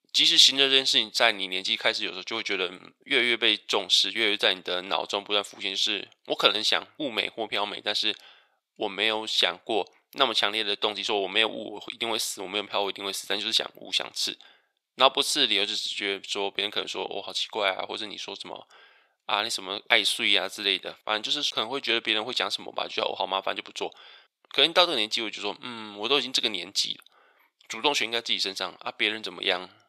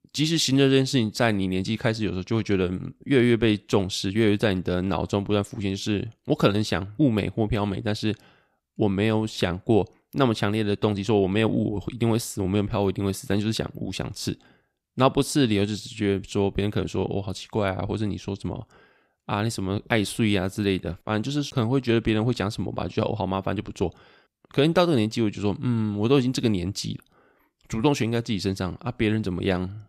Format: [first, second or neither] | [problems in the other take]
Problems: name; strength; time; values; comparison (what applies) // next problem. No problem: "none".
second | thin; very; fading below 700 Hz